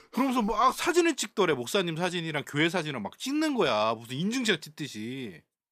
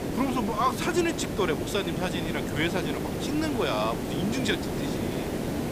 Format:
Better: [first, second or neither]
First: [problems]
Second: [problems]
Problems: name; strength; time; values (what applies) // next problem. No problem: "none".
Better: first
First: none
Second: hiss; loud; throughout; 2 dB below the speech